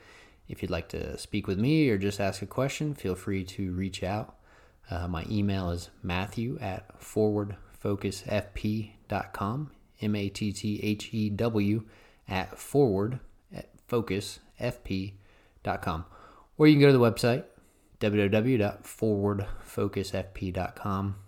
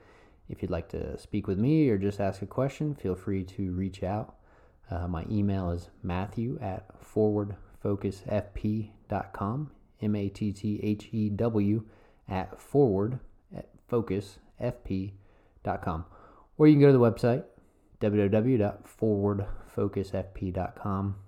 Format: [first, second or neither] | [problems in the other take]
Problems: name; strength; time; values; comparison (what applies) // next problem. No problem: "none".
first | muffled; slightly; fading above 1.5 kHz